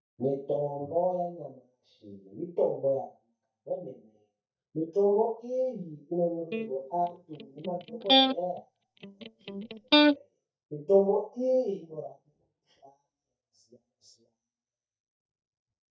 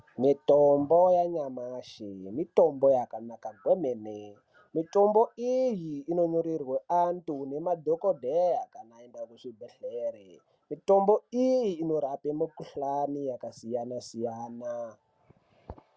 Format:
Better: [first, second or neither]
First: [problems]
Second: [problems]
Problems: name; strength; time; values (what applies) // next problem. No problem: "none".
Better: second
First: noise reduction (neural mask model DeepFilterNet 3)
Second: none